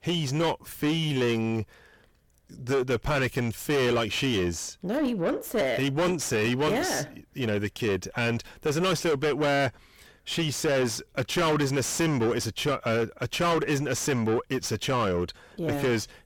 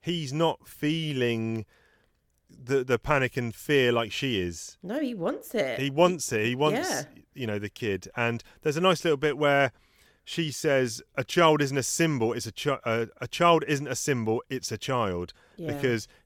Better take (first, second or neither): second